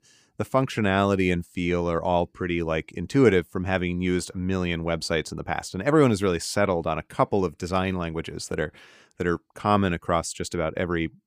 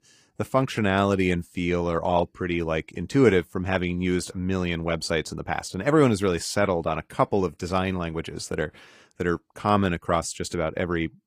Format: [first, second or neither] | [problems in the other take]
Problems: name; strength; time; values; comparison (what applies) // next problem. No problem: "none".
first | garbled, watery; slightly; nothing above 15 kHz